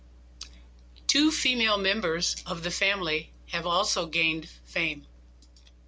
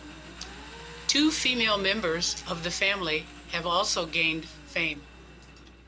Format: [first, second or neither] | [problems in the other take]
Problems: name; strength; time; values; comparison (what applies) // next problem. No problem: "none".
first | background sound (Engine); 17 dB below the speech